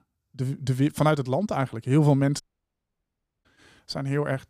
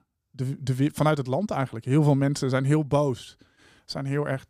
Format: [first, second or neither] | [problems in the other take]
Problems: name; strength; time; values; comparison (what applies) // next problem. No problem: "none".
second | audio cutting out; at 2.5 s for 1 s